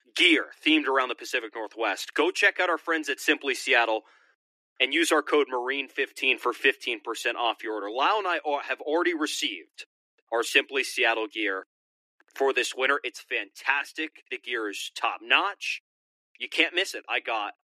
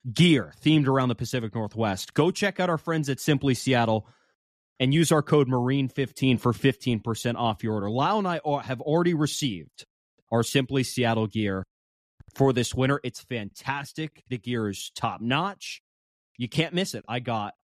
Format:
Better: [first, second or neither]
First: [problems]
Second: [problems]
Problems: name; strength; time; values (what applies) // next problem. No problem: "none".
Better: second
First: thin; very; fading below 300 Hz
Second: none